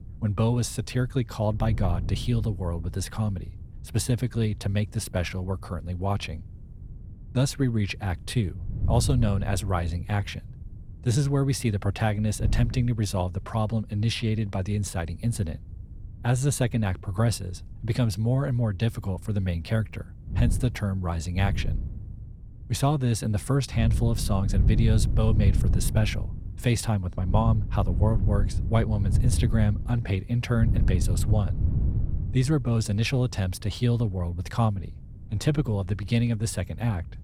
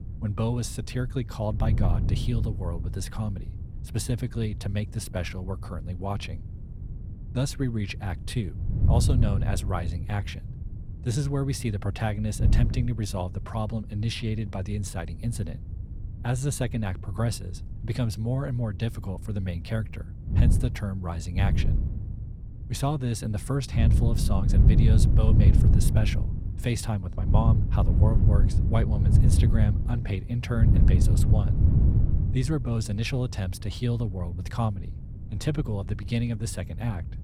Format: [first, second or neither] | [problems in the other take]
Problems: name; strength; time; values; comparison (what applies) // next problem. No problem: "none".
first | wind noise on the microphone; heavy; 3 dB below the speech; occasional gusts in the first